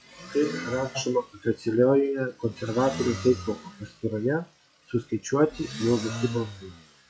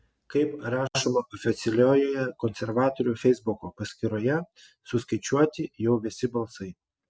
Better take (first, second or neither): second